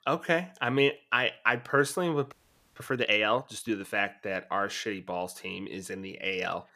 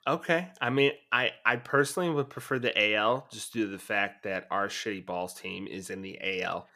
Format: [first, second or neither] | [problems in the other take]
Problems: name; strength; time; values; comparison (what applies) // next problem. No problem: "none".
second | audio freezing; at 2.5 s